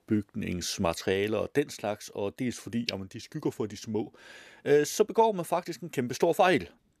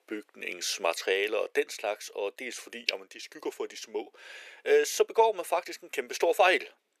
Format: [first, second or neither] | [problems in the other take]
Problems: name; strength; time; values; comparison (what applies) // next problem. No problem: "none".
first | thin; very; fading below 450 Hz